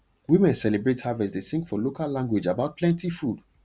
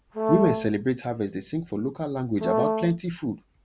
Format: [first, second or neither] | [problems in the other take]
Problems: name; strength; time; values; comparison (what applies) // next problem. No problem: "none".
first | background sound (Brass instrument); as loud as the speech